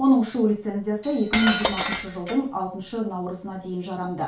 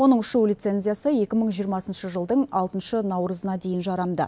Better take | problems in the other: second | background sound (Cutlery, silverware); 4 dB below the speech // room echo; dies away in 0.3 s

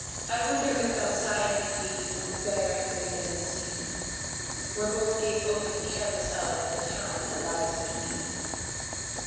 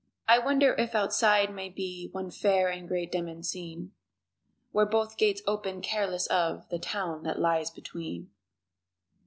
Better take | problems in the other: second | background sound (Boiling); 1 dB below the speech // room echo; dies away in 1.9 s

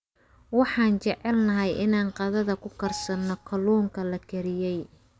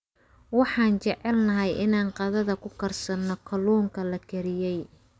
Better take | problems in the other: second | background sound (Marimba, xylophone); 18 dB below the speech

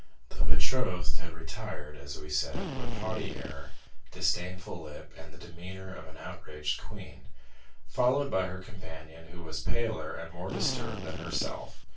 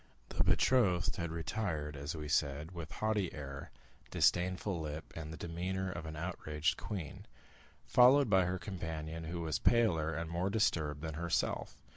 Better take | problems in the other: second | background sound (Drill); 18 dB below the speech // room echo; dies away in 0.2 s

